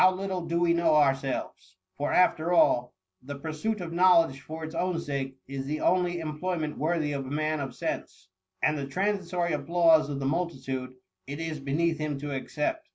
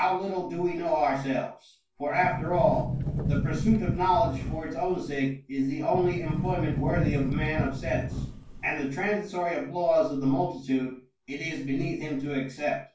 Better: first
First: none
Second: background sound (Sliding door); 2 dB below the speech // room echo; dies away in 0.3 s

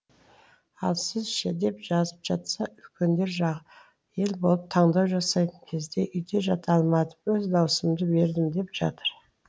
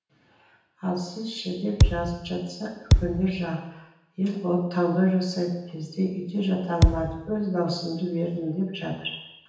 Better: first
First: none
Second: background sound (Thump, thud); 4 dB above the speech // room echo; dies away in 0.9 s

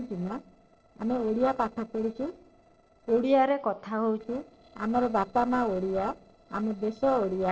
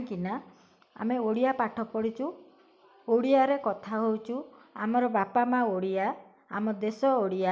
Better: second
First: noise reduction (neural separator model SepFormer DNS4)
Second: none

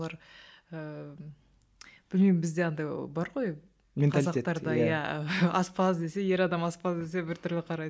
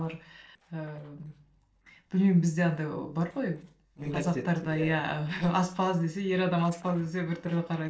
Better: first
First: none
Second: noise reduction (neural separator model SepFormer DNS4)

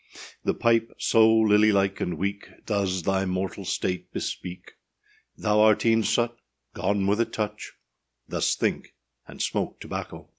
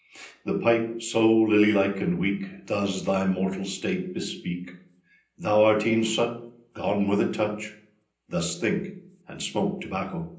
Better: first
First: none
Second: room echo; dies away in 0.6 s

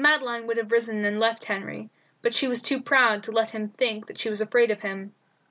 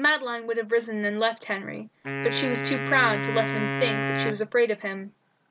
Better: first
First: none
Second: background sound (Wind instrument, woodwind instrument); 4 dB below the speech

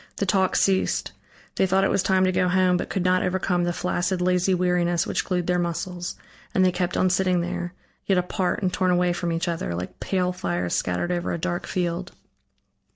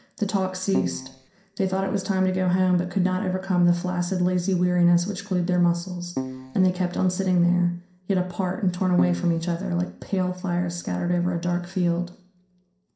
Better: first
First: none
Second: background sound (Keyboard (musical)); 8 dB below the speech // room echo; dies away in 0.5 s

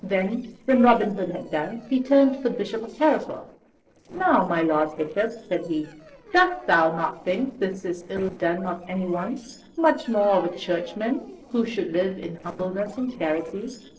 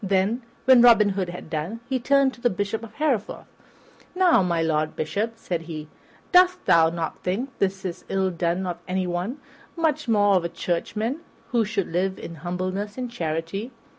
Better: second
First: noise reduction (neural separator model SepFormer DNS4)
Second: none

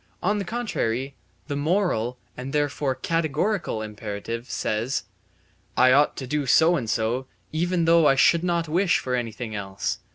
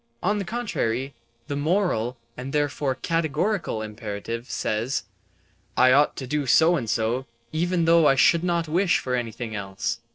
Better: first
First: none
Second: noise reduction (neural separator model SepFormer DNS4)

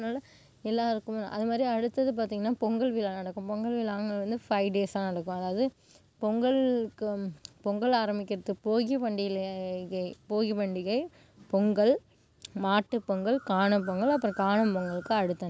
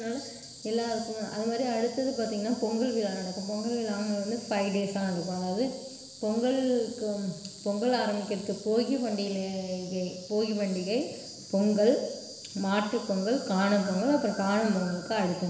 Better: first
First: none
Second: background sound (Insect); 16 dB below the speech // room echo; dies away in 1.1 s

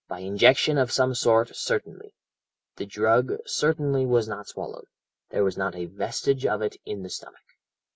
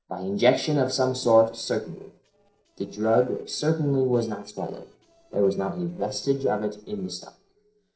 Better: first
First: none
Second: noise reduction (neural separator model SepFormer DNS4)

